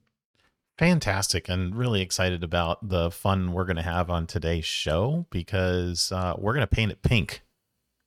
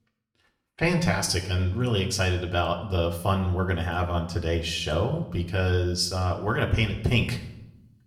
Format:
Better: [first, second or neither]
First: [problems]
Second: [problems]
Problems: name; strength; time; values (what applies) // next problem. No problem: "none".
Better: first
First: none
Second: room echo; slight; dies away in 0.7 s // off-mic speech; somewhat distant